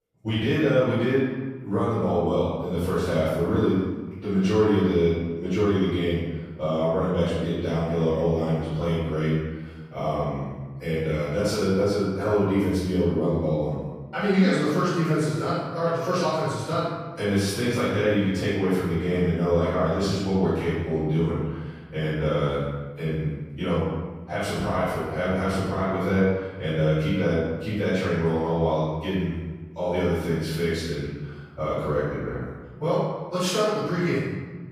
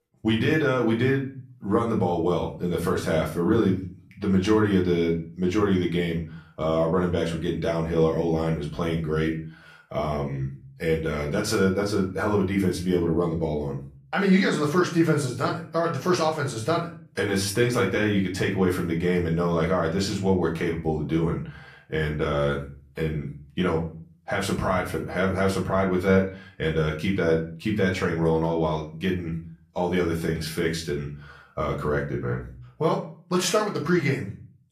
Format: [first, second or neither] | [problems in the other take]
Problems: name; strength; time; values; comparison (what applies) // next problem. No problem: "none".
second | room echo; strong; dies away in 1.2 s; slight in the second // off-mic speech; far; far in the second